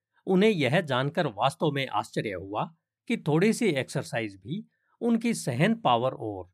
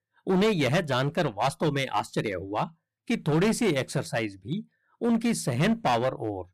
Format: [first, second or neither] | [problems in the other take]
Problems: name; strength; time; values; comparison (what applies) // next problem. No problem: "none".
first | distortion; slight; 9% of the sound clipped